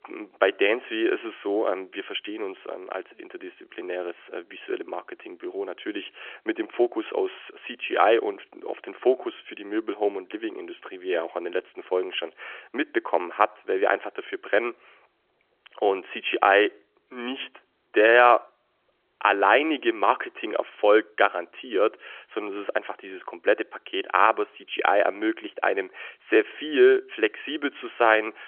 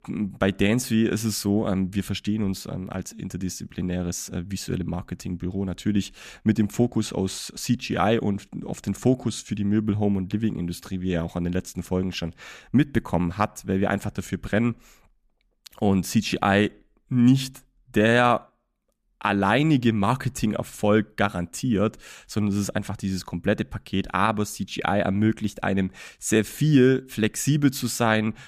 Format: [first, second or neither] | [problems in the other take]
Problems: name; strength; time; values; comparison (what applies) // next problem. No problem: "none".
second | phone-call audio; nothing above 3.5 kHz